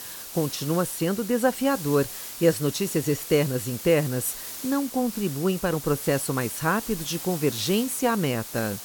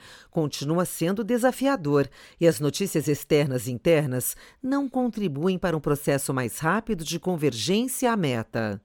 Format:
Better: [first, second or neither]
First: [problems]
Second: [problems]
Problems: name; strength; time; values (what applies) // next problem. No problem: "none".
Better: second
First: hiss; loud; throughout; 9 dB below the speech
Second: none